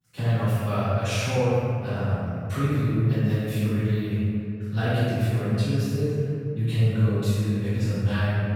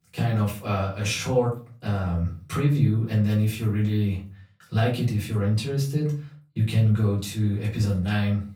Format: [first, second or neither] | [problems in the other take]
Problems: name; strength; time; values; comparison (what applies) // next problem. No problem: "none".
second | room echo; strong; dies away in 2.2 s; slight in the second // off-mic speech; far; far in the second